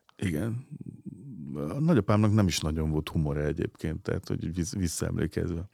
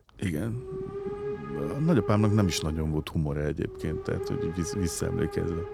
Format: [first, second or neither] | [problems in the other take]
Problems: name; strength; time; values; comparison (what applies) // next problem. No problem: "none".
first | hiss; loud; throughout; 7 dB below the speech